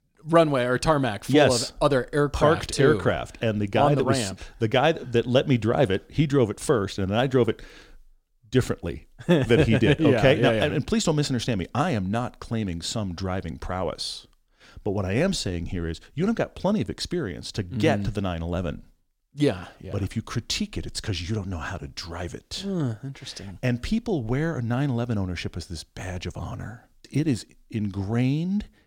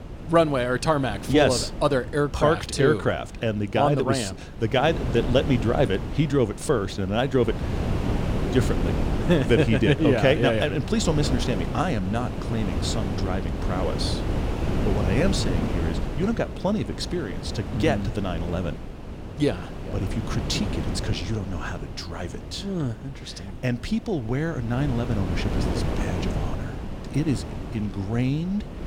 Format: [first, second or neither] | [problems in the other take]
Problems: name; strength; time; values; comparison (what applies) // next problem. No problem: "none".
first | wind noise on the microphone; heavy; 9 dB below the speech